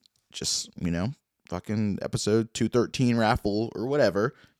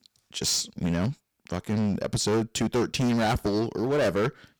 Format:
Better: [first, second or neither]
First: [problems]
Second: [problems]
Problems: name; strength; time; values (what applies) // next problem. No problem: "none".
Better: first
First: none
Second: distortion; heavy; 15% of the sound clipped